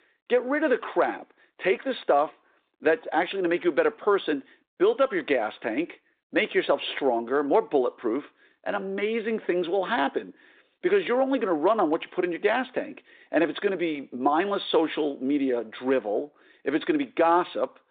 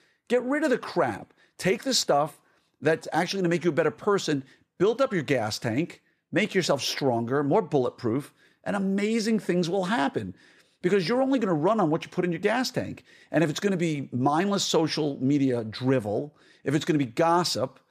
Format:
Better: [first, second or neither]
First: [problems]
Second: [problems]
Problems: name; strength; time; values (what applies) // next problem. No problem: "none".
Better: second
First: phone-call audio; nothing above 3.5 kHz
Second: none